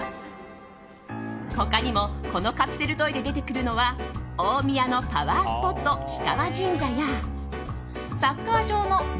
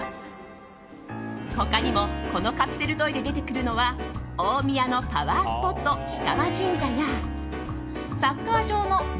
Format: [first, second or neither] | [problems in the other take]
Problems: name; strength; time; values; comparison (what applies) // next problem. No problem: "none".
first | background sound (Harp); 10 dB below the speech